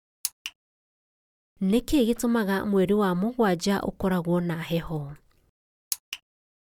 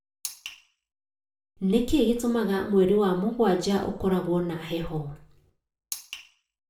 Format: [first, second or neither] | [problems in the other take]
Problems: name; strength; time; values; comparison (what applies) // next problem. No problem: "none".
first | room echo; dies away in 0.4 s